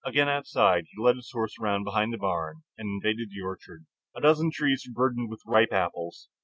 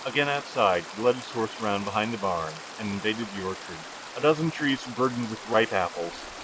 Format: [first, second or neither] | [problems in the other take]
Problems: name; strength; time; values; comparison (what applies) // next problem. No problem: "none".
first | background sound (Stream); 12 dB below the speech